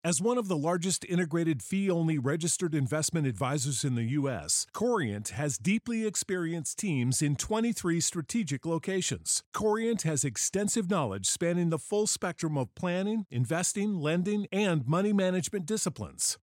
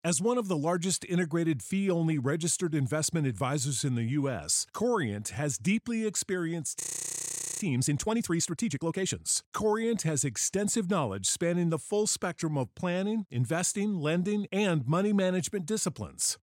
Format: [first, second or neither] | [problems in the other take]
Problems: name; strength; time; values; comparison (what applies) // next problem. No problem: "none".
first | audio freezing; at 7 s for 1 s